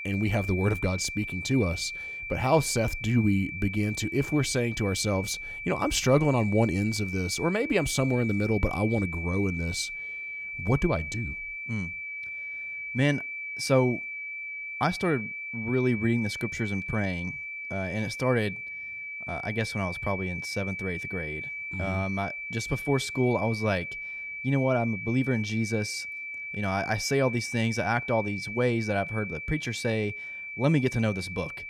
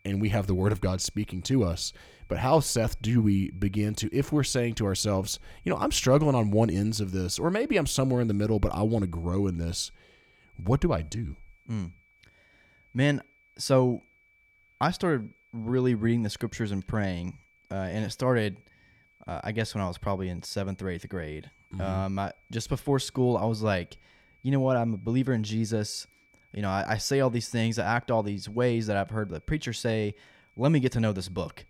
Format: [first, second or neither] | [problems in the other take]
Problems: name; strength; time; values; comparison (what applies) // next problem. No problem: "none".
second | high-pitched whine; loud; throughout; 2.5 kHz, 6 dB below the speech; faint in the second